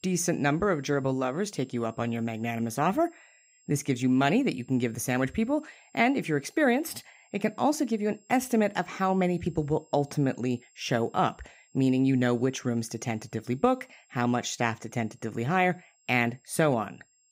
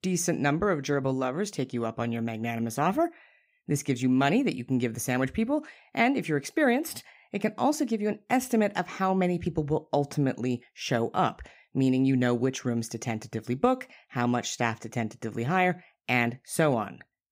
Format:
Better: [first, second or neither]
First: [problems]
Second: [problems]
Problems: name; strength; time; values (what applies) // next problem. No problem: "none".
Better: second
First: high-pitched whine; faint; throughout; 7.5 kHz, 35 dB below the speech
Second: none